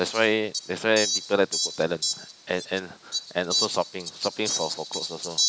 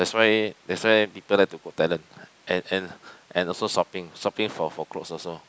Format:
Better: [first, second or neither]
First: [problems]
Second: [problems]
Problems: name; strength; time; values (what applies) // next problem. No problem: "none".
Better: second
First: background sound (Fowl); 3 dB below the speech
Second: none